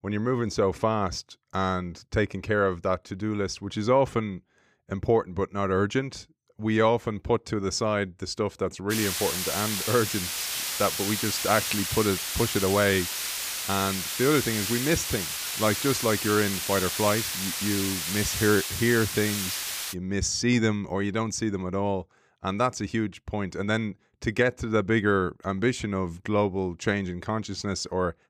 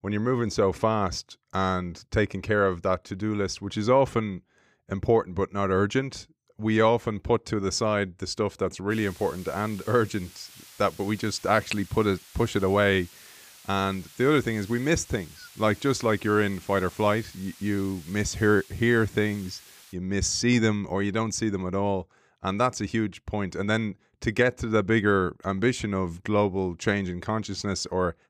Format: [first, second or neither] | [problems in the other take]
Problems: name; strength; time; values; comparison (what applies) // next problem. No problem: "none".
second | hiss; loud; from 9 to 20 s; 2 dB below the speech; faint in the second